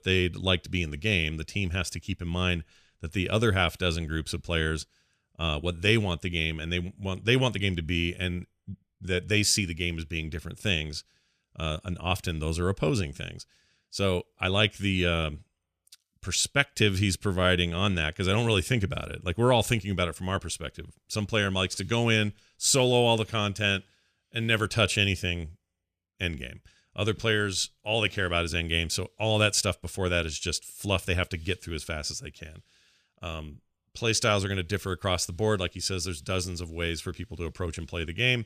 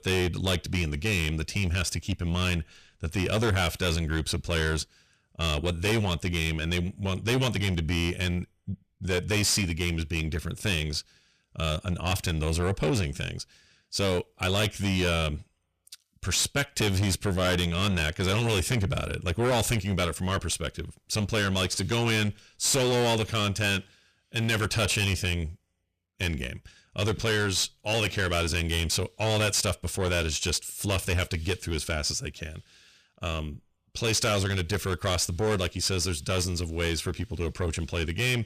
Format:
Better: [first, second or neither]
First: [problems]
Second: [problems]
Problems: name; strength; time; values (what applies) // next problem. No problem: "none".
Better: first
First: none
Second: distortion; heavy; 6 dB below the speech